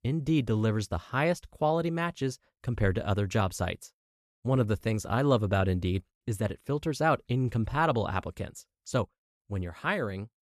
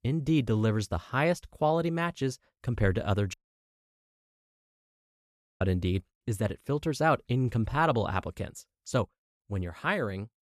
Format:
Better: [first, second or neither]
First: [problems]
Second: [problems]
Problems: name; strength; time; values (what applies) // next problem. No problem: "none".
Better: first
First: none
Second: audio cutting out; at 3.5 s for 2.5 s